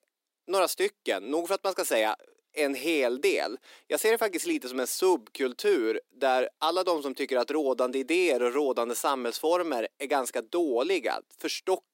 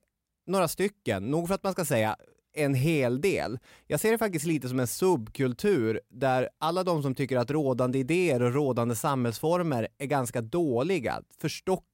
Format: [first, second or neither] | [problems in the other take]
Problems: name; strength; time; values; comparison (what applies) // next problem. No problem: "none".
second | thin; somewhat; fading below 300 Hz